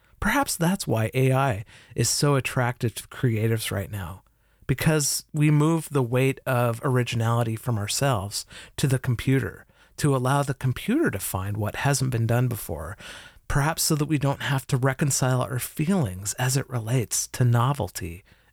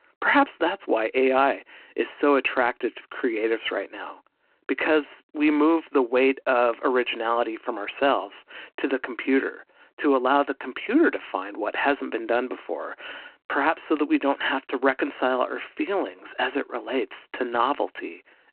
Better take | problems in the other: first | phone-call audio; nothing above 4 kHz

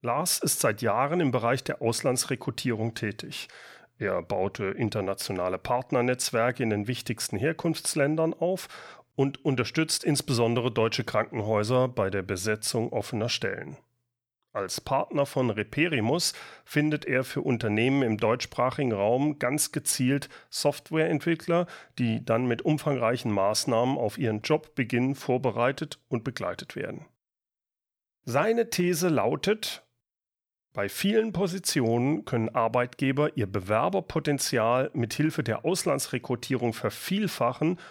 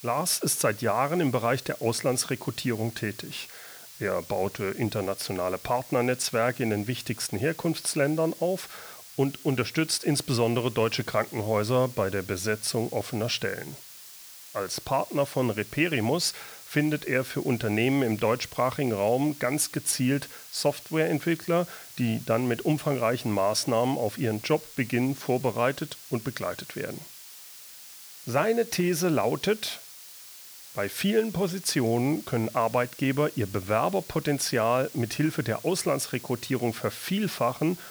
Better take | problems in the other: first | hiss; noticeable; throughout; 15 dB below the speech

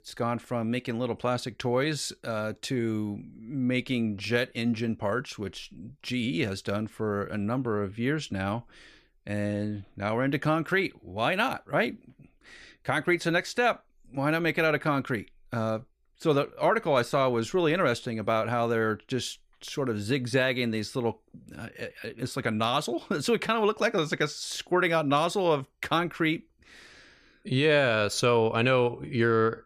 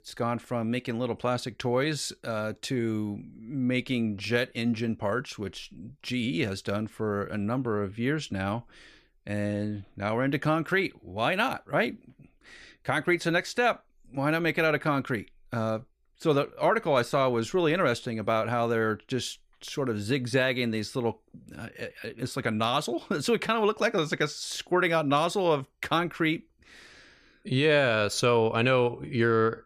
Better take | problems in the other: neither | none

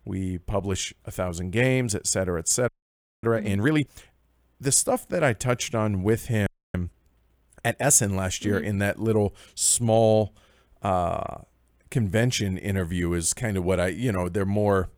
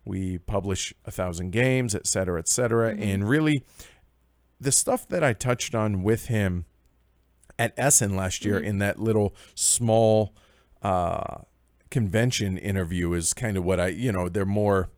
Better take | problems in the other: second | audio freezing; at 2.5 s for 0.5 s and at 6.5 s

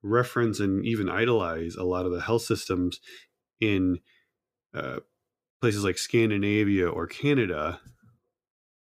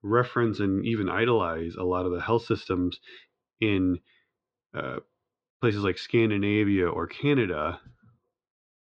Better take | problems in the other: first | muffled; slightly; fading above 4 kHz

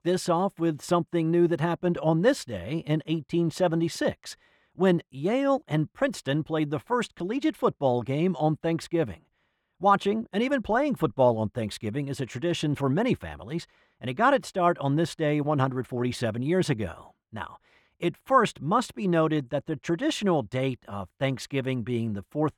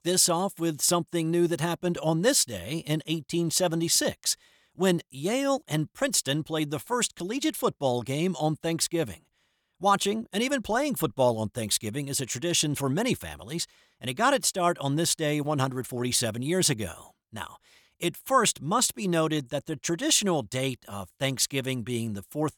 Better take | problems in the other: second | muffled; very; fading above 3.5 kHz

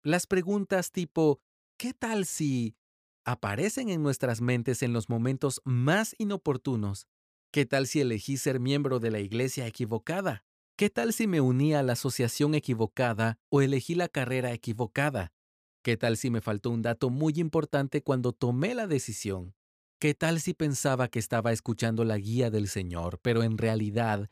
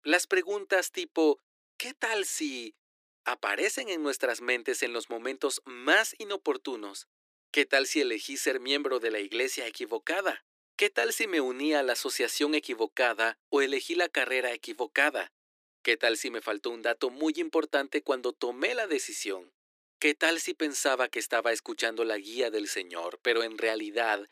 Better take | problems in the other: first | thin; very; fading below 300 Hz

